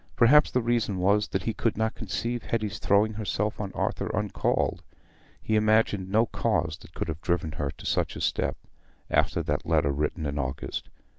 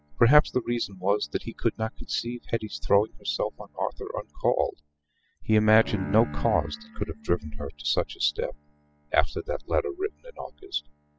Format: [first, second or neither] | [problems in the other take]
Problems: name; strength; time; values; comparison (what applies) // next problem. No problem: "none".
first | noise reduction (classical method spectral subtraction)